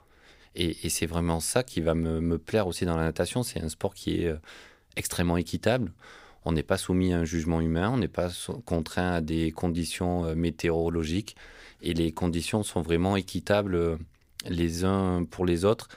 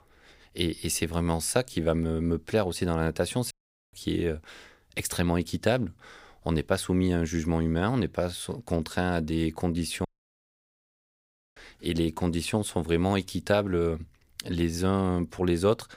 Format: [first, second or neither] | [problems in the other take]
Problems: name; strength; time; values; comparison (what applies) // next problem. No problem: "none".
first | audio cutting out; at 3.5 s and at 10 s for 1.5 s